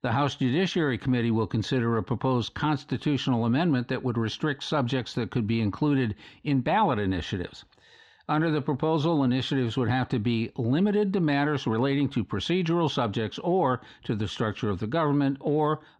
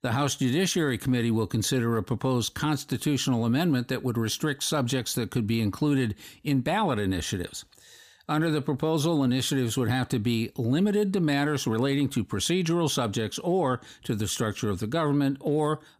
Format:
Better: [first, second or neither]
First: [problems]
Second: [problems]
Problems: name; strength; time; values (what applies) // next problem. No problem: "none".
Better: second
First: muffled; slightly; fading above 3.5 kHz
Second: none